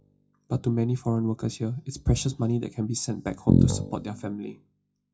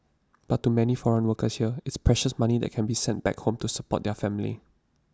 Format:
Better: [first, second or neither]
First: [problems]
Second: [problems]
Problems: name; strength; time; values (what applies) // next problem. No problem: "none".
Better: second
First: noise reduction (classical method WPE with log-MMSE)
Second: none